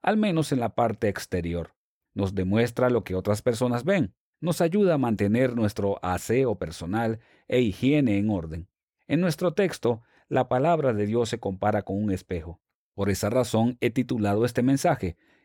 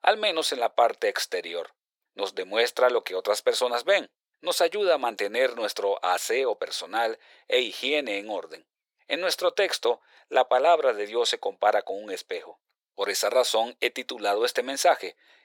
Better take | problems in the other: first | thin; very; fading below 500 Hz

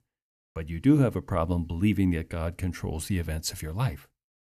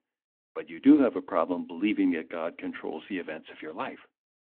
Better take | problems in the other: first | phone-call audio; nothing above 8 kHz

